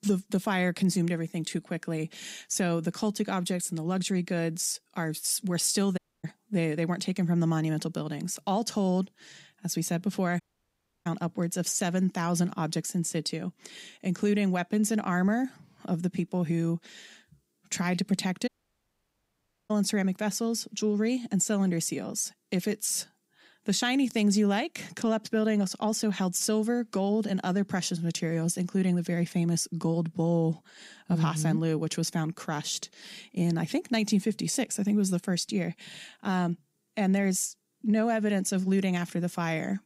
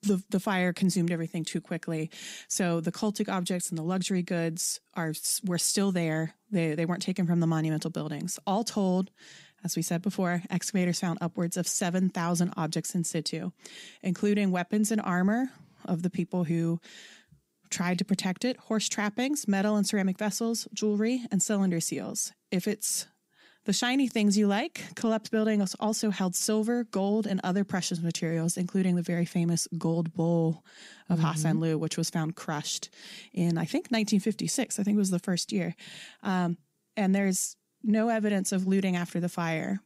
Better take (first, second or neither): second